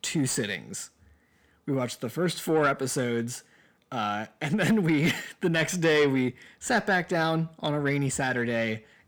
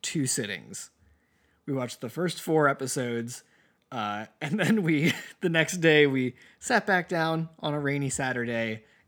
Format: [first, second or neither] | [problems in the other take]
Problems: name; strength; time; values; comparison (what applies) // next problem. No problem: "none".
second | distortion; slight; 10 dB below the speech